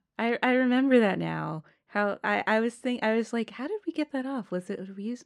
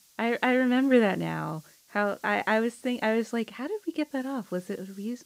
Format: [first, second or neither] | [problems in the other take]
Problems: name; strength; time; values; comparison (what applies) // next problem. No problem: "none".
first | hiss; faint; throughout; 25 dB below the speech